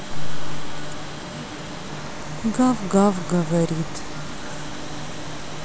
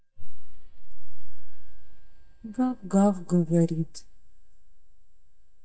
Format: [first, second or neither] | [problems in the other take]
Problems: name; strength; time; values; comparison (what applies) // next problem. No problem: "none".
first | noise reduction (neural mask model DeepFilterNet 3)